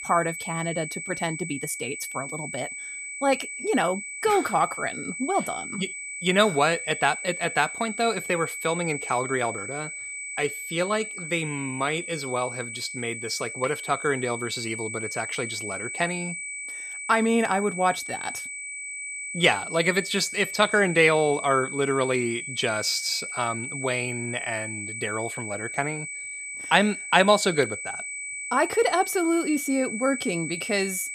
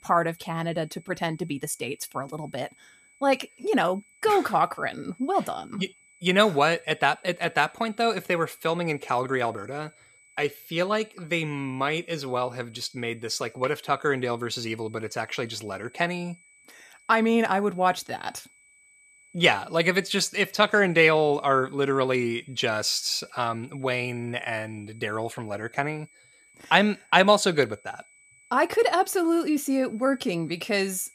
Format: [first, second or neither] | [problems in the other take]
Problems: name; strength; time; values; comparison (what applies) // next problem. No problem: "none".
second | high-pitched whine; loud; throughout; 2.5 kHz, 7 dB below the speech; faint in the second